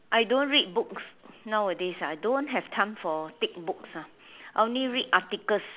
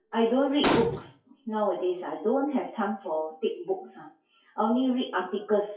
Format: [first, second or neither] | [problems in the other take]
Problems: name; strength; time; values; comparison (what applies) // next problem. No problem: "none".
first | noise reduction (classical method WPE with log-MMSE)